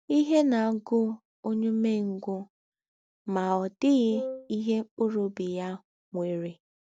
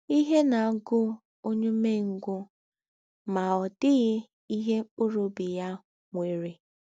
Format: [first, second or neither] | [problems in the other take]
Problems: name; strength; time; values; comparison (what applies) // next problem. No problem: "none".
second | background sound (Wind instrument, woodwind instrument); 9 dB below the speech